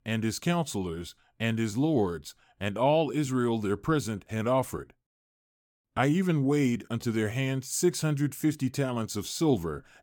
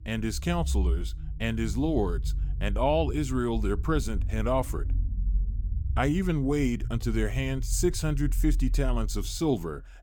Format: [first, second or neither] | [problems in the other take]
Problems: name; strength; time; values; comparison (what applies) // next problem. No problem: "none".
first | low rumble; faint; throughout; 20 dB below the speech